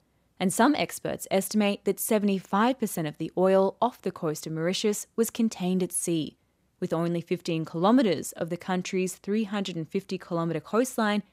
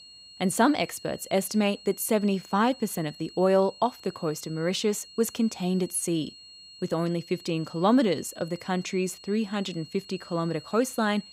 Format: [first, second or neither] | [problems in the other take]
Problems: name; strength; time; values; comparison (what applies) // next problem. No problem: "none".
first | high-pitched whine; noticeable; throughout; 4.5 kHz, 20 dB below the speech